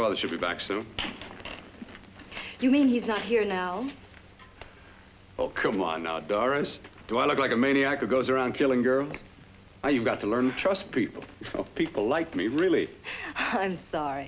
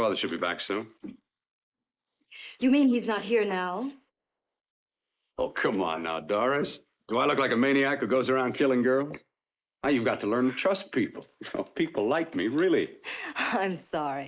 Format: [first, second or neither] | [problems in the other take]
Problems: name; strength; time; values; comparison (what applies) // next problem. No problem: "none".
first | noise reduction (neural mask model Resemble Enhance denoiser)